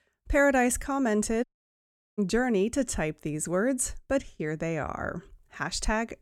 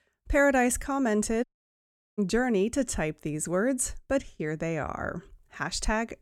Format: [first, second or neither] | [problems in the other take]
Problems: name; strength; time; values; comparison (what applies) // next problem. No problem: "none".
neither | audio cutting out; at 1.5 s for 0.5 s; the same in both